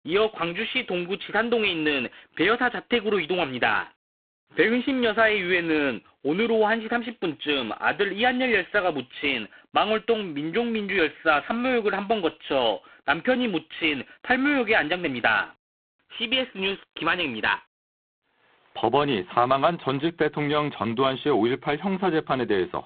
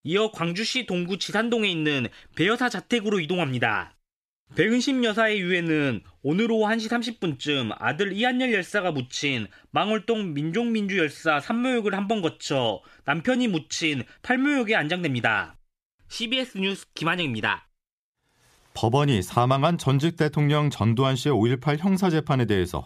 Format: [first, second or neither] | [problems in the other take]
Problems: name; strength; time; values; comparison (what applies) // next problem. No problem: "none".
second | phone-call audio; poor line